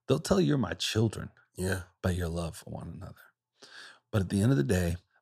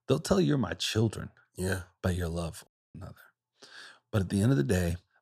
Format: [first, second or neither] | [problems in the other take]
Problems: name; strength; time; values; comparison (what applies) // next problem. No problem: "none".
first | audio cutting out; at 2.5 s